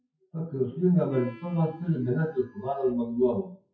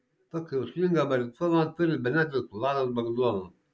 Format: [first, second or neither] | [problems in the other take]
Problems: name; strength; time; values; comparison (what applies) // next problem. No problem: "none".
second | noise reduction (classical method WPE with log-MMSE)